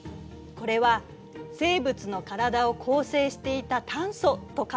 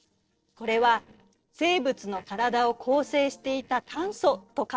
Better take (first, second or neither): first